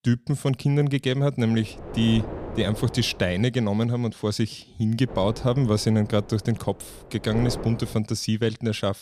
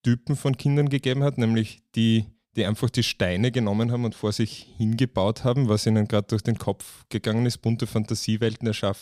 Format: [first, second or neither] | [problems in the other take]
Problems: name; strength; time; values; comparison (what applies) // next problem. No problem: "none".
second | wind noise on the microphone; occasional gusts; from 1.5 to 3.5 s and from 5 to 8 s; 10 dB below the speech